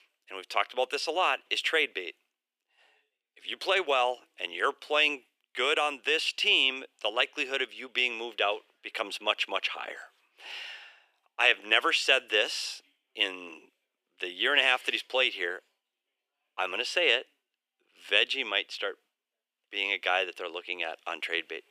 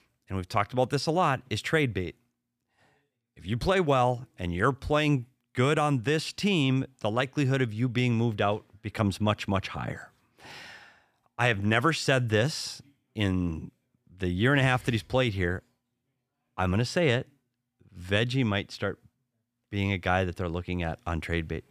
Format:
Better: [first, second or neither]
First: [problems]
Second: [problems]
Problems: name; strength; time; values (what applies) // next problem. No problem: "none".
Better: second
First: thin; very; fading below 400 Hz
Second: none